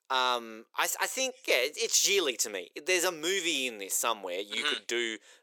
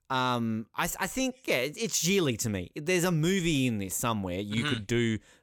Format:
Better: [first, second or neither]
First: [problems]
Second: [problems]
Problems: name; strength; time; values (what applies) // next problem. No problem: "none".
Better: second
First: thin; very; fading below 400 Hz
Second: none